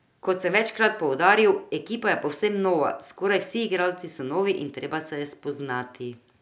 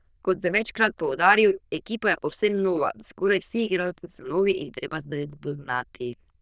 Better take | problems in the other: first | noise reduction (neural diffusion model UNIVERSE++)

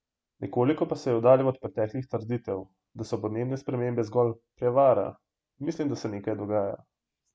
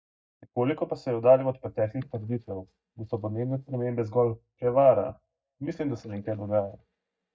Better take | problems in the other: first | noise reduction (neural mask model DeepFilterNet 3)

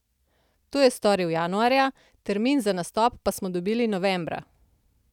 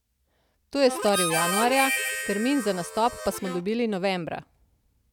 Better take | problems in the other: first | background sound (Harmonica); 4 dB below the speech

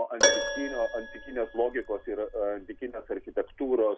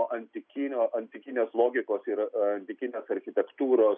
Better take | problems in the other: second | background sound (Keyboard (musical)); 1 dB below the speech

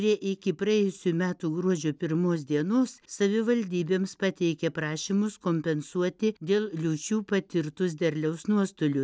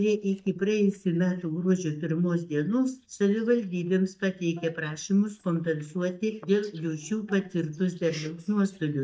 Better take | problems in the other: first | noise reduction (neural mask model DeepFilterNet 3)

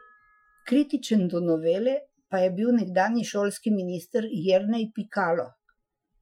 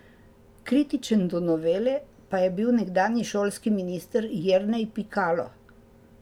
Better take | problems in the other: second | noise reduction (classical method Wiener filter)

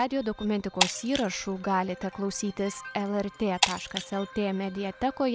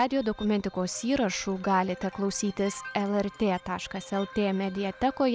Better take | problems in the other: second | background sound (Shatter); 5 dB below the speech

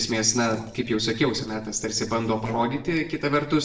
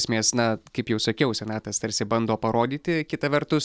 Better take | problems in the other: second | noise reduction (neural separator model SepFormer DNS4)

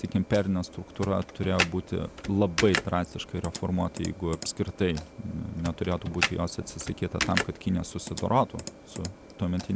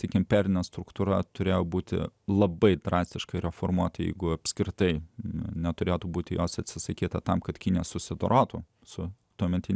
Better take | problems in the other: second | background sound (Computer keyboard); 7 dB below the speech

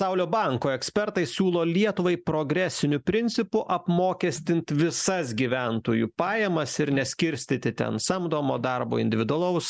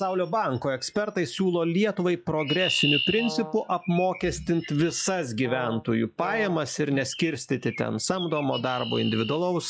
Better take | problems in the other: first | noise reduction (classical method log-MMSE)

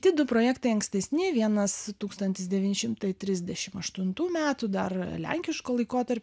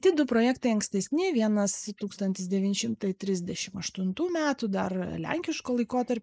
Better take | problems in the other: first | noise reduction (neural mask model Resemble Enhance denoiser)

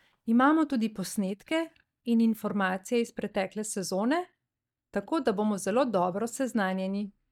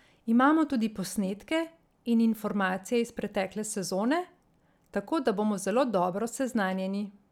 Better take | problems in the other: second | noise reduction (neural mask model DeepFilterNet 3)

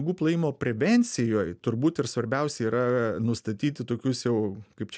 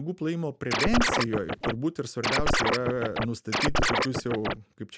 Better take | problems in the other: first | background sound (Scratching (performance technique)); 4 dB above the speech

